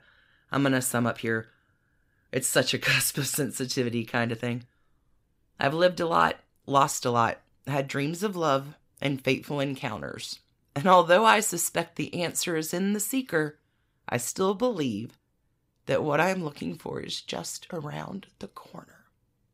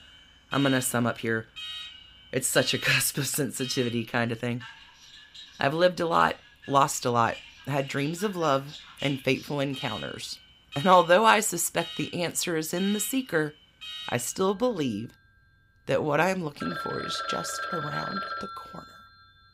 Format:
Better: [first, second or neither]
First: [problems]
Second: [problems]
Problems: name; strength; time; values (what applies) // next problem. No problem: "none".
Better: first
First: none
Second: alarms or sirens; noticeable; throughout; 10 dB below the speech